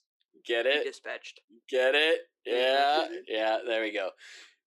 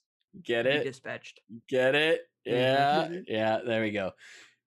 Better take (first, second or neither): second